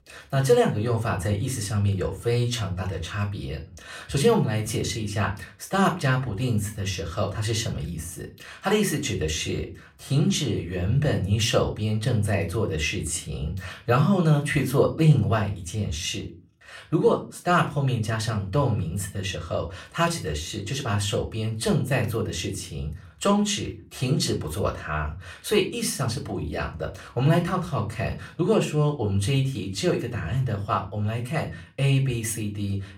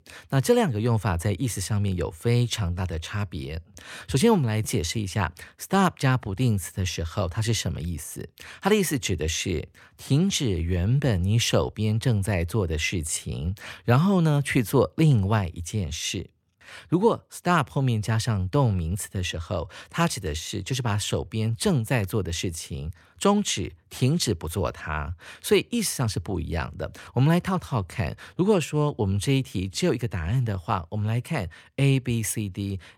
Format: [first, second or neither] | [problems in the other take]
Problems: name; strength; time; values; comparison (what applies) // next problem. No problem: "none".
second | off-mic speech; far // room echo; very slight; dies away in 0.3 s